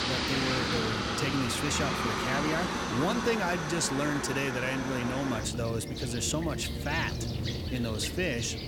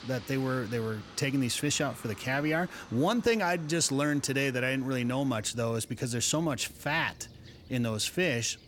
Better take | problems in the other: second | train or aircraft noise; loud; throughout; as loud as the speech; faint in the second

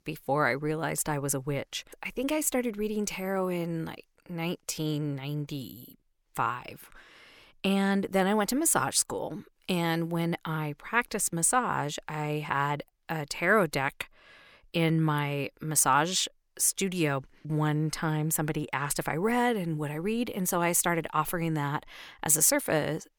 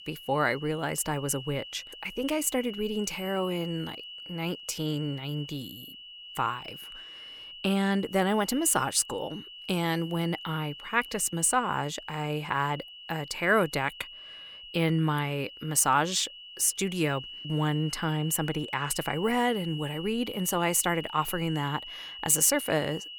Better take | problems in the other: first | high-pitched whine; noticeable; throughout; 3 kHz, 15 dB below the speech

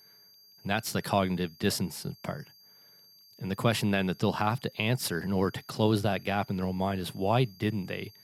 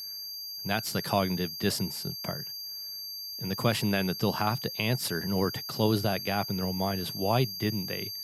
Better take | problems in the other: first | high-pitched whine; loud; throughout; 4.5 kHz, 6 dB below the speech; faint in the first

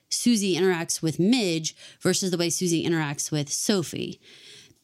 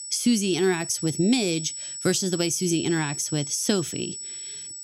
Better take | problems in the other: first | high-pitched whine; loud; throughout; 8 kHz, 8 dB below the speech

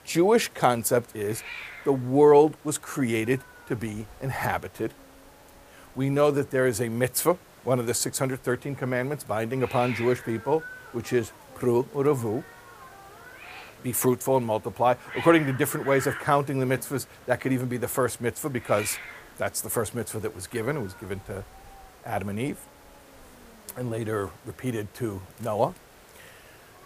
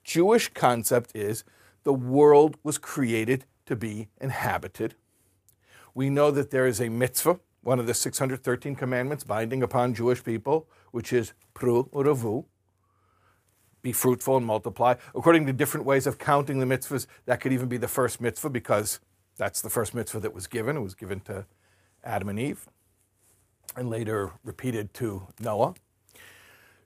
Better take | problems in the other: second | hiss; noticeable; throughout; 20 dB below the speech

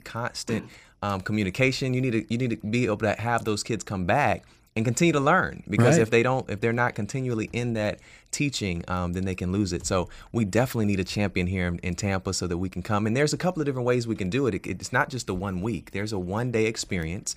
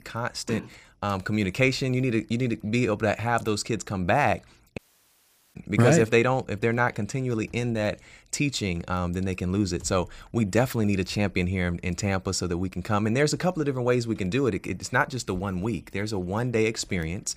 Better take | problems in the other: first | audio cutting out; at 5 s for 1 s

